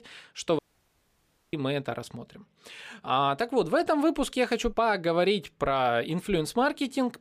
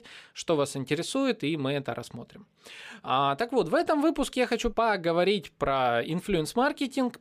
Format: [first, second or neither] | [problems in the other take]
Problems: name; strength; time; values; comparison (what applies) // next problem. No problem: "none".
second | audio cutting out; at 0.5 s for 1 s